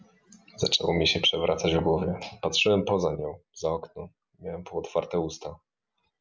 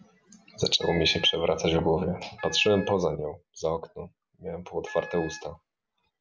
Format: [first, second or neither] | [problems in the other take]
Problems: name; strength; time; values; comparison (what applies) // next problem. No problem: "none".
first | background sound (Wind instrument, woodwind instrument); 17 dB below the speech